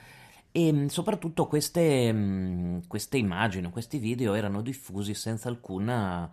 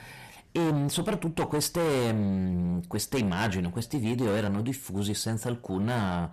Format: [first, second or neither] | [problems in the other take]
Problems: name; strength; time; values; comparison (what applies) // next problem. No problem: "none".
first | distortion; heavy; 6 dB below the speech